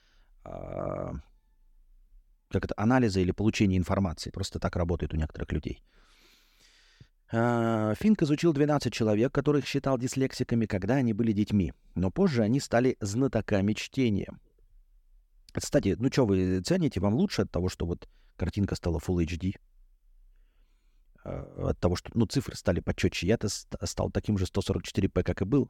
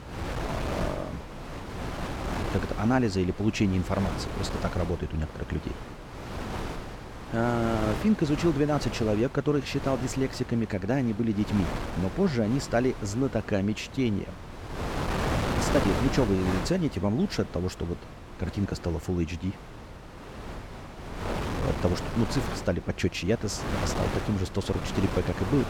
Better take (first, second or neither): first